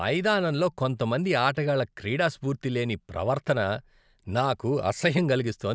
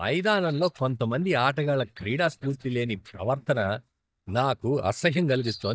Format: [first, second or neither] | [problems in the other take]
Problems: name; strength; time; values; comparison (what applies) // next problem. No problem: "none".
first | noise reduction (neural mask model DeepFilterNet 3)